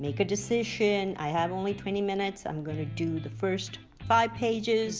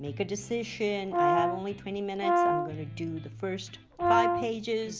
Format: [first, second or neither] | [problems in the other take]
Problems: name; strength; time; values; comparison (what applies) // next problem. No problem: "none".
first | background sound (Brass instrument); 4 dB above the speech